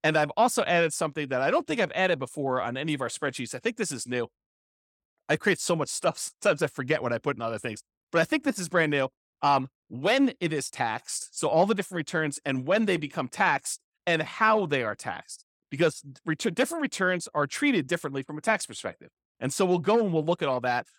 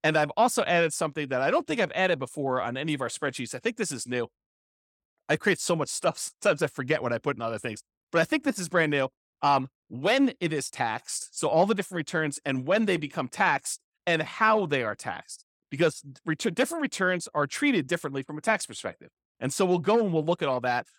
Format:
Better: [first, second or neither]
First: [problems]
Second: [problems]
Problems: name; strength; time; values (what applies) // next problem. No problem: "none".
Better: neither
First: none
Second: none